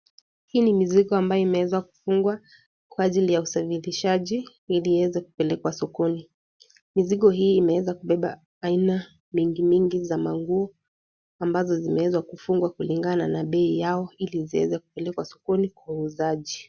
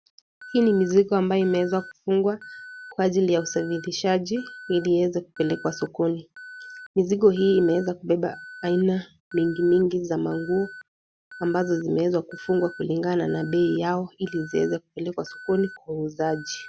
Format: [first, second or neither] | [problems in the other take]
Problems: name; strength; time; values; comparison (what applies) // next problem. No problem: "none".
first | background sound (Alarm); 20 dB below the speech